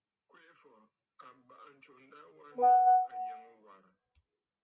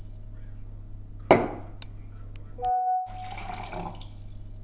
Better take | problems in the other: first | background sound (Fill (with liquid) / Glass / Water); 4 dB above the speech // room echo; dies away in 0.9 s

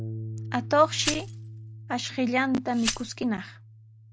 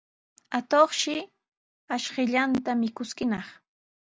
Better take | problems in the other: second | background sound (Glass + Bass guitar); 8 dB below the speech

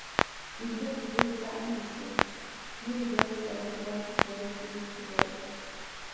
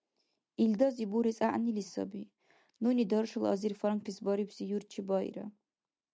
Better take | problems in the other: second | background sound (Clock); 3 dB above the speech // room echo; dies away in 1.9 s

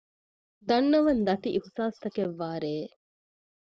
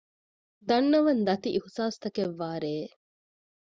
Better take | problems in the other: second | noise reduction (neural separator model SepFormer DNS4)

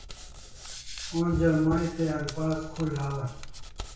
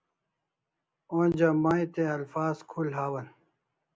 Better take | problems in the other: second | background sound (Hands); 12 dB below the speech // room echo; dies away in 0.6 s

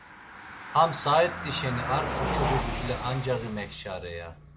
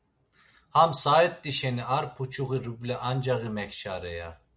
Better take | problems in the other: second | background sound (Car passing by); 4 dB below the speech

